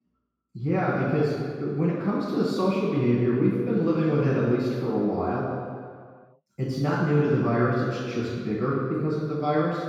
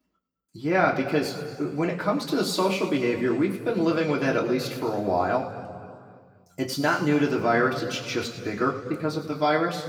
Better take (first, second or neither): second